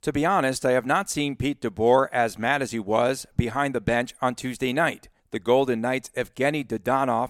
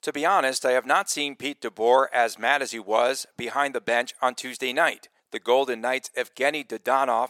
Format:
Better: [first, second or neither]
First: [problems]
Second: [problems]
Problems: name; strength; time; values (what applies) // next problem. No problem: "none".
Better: first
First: none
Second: thin; somewhat; fading below 500 Hz